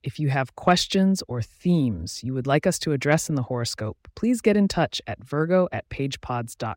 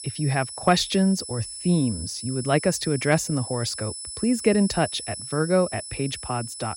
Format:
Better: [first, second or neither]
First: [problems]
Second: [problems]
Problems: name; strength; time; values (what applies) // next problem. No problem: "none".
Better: first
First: none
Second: high-pitched whine; loud; throughout; 10 kHz, 9 dB below the speech